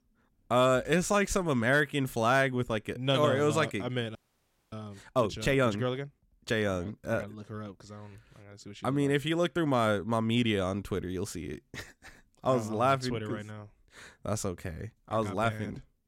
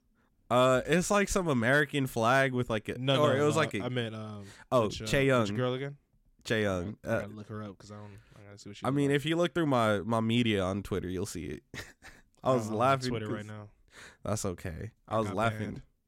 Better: second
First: audio freezing; at 4 s for 0.5 s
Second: none

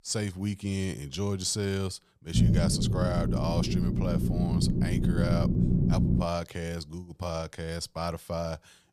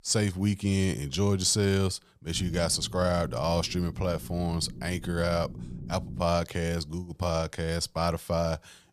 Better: second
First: low rumble; loud; from 2.5 to 6 s; 1 dB below the speech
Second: low rumble; faint; from 2.5 to 6 s; 20 dB below the speech

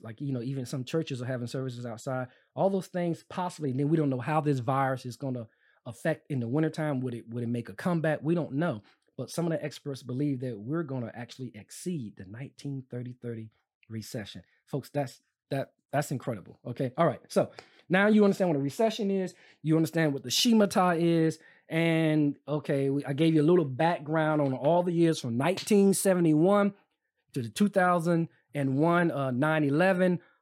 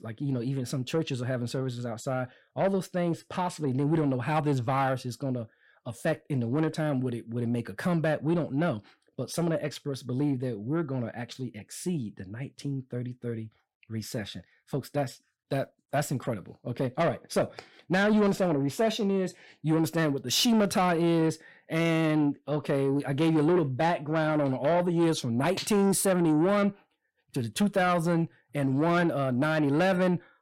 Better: first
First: none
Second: distortion; slight; 10 dB below the speech

